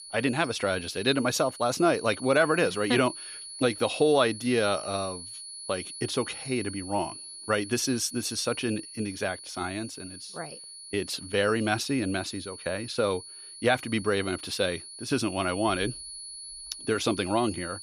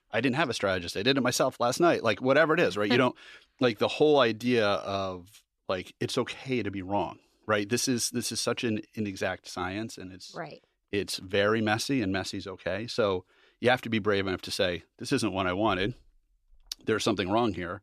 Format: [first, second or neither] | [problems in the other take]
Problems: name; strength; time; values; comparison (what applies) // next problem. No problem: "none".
second | high-pitched whine; noticeable; throughout; 4.5 kHz, 10 dB below the speech